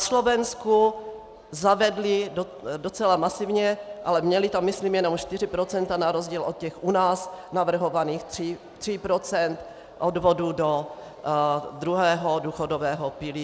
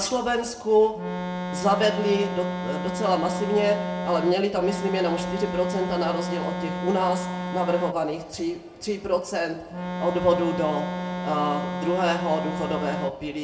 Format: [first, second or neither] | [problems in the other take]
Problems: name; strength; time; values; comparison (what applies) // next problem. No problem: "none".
first | background sound (Organ); 4 dB below the speech // room echo; dies away in 0.5 s